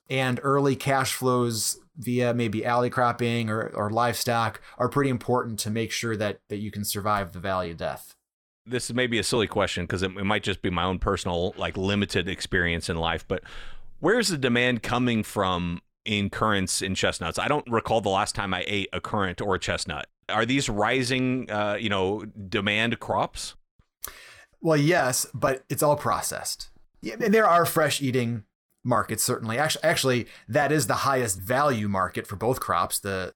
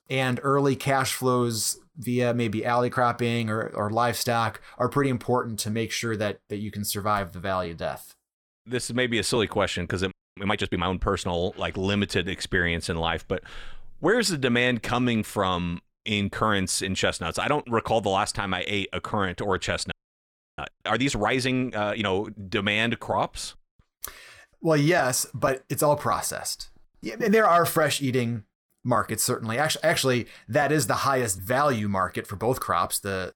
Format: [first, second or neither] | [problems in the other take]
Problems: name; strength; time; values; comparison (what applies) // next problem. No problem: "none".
first | audio freezing; at 10 s and at 20 s for 0.5 s